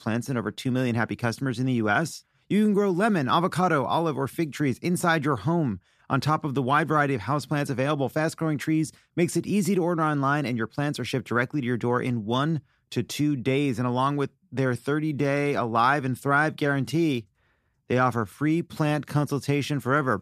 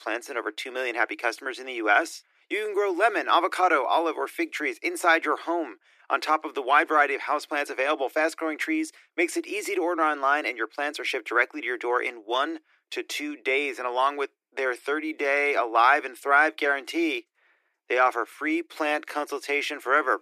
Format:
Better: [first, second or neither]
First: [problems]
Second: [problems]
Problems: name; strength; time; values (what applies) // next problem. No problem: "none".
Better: first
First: none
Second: thin; very; fading below 300 Hz